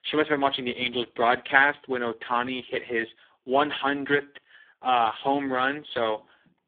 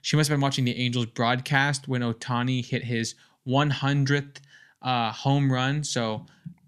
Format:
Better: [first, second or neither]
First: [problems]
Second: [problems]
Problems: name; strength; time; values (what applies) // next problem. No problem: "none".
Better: second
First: phone-call audio; poor line; nothing above 3.5 kHz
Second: none